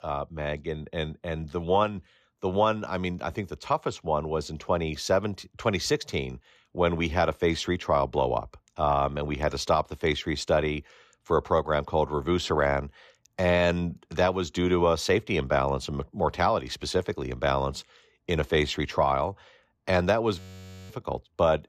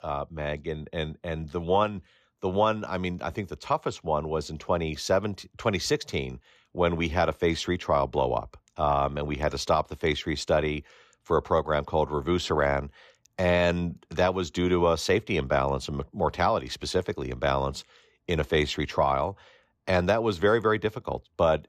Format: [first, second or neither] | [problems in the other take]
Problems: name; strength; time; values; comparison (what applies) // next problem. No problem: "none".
second | audio freezing; at 20 s for 0.5 s